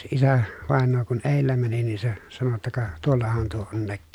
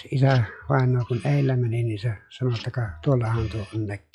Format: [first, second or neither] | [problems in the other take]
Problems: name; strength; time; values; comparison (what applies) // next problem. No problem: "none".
first | noise reduction (classical method log-MMSE)